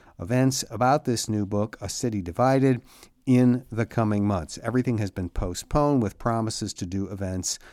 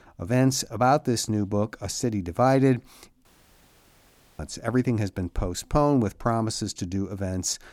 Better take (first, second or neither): first